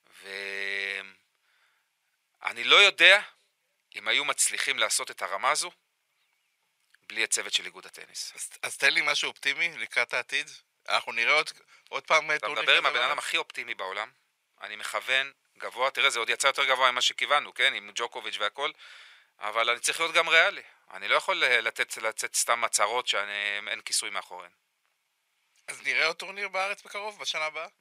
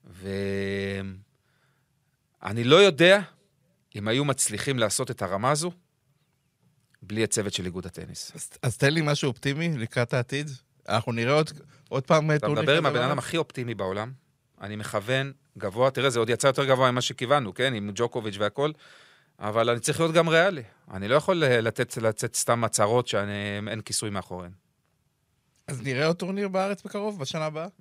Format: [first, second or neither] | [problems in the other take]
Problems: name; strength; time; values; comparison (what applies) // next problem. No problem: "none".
second | thin; very; fading below 850 Hz